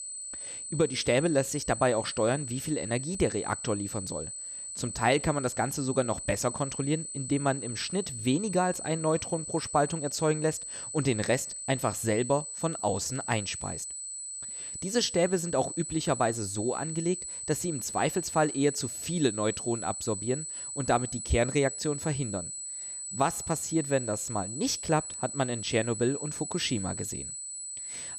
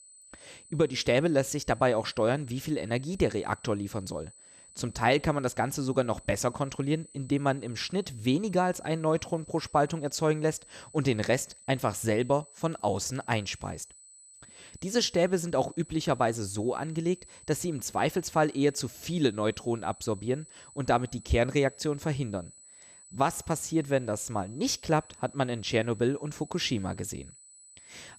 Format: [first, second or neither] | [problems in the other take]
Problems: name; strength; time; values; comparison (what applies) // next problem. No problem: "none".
second | high-pitched whine; loud; throughout; 8 kHz, 6 dB below the speech; faint in the second